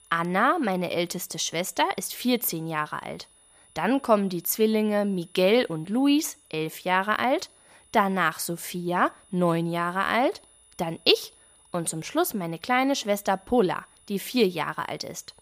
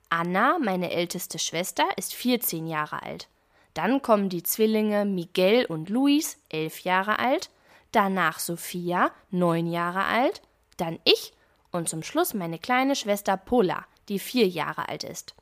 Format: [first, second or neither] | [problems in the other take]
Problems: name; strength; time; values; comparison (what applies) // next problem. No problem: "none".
second | high-pitched whine; faint; throughout; 10 kHz, 30 dB below the speech